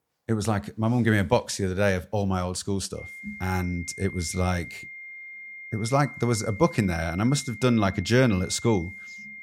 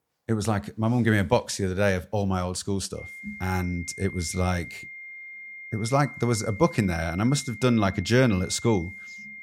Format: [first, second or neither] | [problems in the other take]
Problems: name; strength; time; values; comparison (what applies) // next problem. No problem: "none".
neither | high-pitched whine; noticeable; from 3 s on; 2 kHz, 15 dB below the speech; the same in both